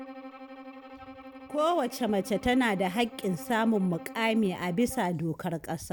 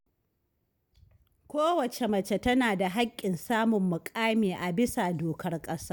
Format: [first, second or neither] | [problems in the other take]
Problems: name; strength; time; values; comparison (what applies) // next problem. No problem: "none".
second | background sound (Bowed string instrument); 17 dB below the speech